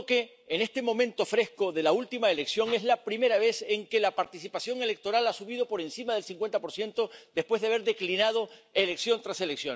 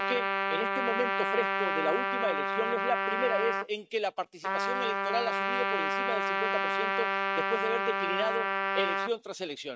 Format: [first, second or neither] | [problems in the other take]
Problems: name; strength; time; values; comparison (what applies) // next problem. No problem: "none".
first | noise reduction (neural mask model RNNoise)